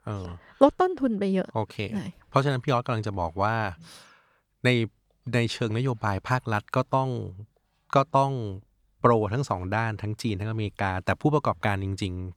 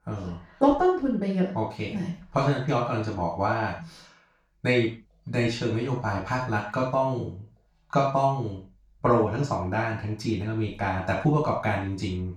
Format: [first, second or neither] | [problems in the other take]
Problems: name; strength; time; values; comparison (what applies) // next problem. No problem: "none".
first | room echo; noticeable; dies away in 0.3 s // off-mic speech; far